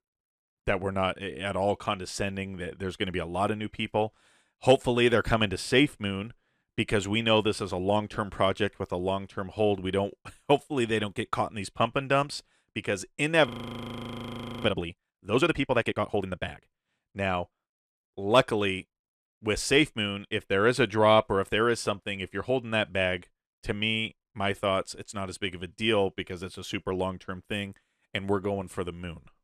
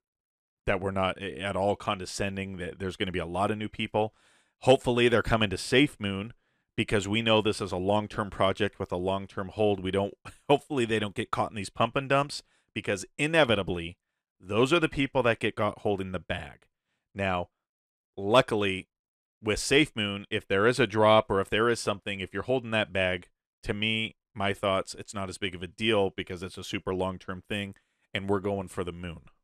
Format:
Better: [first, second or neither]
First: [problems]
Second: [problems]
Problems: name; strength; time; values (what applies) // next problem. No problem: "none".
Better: second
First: audio freezing; at 13 s for 1 s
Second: none